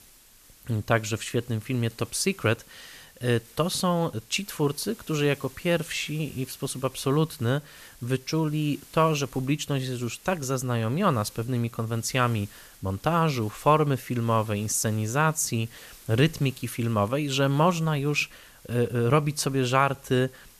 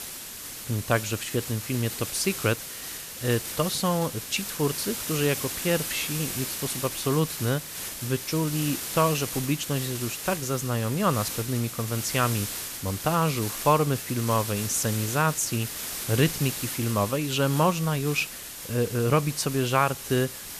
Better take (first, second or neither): first